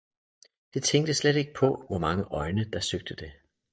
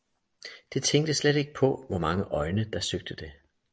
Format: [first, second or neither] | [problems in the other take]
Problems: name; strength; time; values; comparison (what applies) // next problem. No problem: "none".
second | noise reduction (neural mask model DeepFilterNet 3)